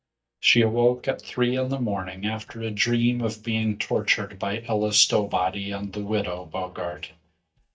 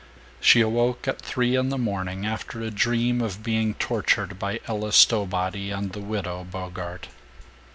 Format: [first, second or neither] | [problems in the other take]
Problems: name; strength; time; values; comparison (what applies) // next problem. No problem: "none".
second | noise reduction (neural mask model DeepFilterNet 3)